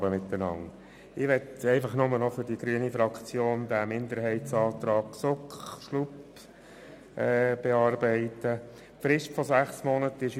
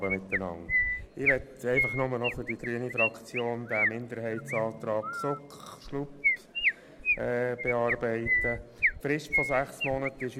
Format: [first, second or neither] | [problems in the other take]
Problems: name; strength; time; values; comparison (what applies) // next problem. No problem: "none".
first | background sound (Chirp, tweet); as loud as the speech